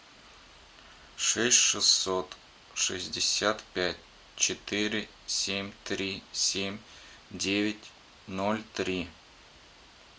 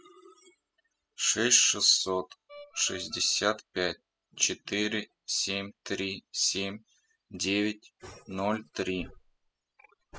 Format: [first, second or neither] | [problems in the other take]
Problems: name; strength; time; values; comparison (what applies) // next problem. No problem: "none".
first | noise reduction (classical method spectral subtraction)